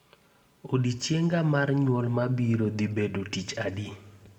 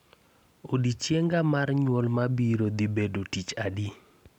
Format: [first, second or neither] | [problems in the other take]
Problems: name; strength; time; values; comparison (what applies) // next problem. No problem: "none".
second | room echo; dies away in 1.4 s